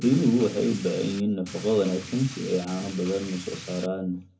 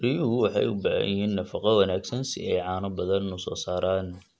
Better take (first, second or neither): second